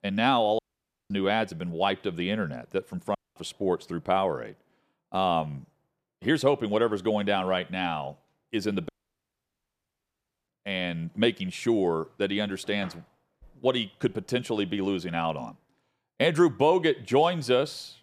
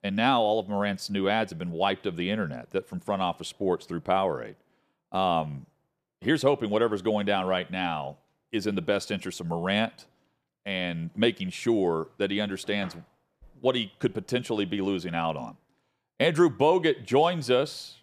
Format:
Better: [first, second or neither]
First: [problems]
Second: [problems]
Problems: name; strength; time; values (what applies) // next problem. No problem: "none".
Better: second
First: audio cutting out; at 0.5 s for 0.5 s, at 3 s and at 9 s for 1.5 s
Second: none